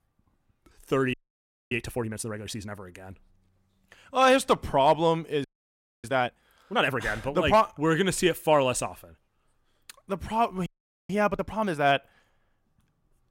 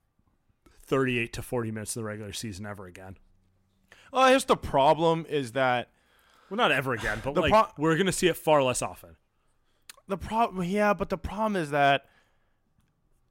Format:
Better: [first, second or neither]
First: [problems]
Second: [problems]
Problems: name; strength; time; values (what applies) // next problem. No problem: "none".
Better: second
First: audio freezing; at 1 s for 0.5 s, at 5.5 s for 0.5 s and at 11 s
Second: none